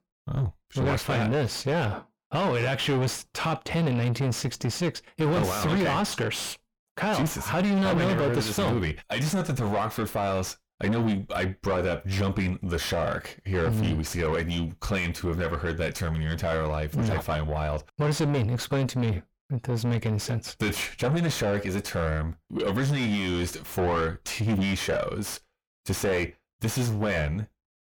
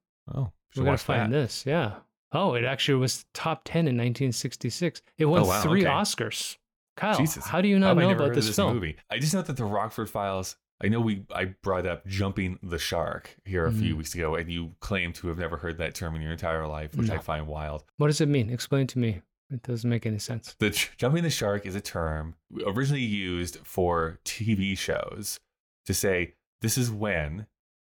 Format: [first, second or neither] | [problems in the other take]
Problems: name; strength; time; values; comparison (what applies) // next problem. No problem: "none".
second | distortion; heavy; 6 dB below the speech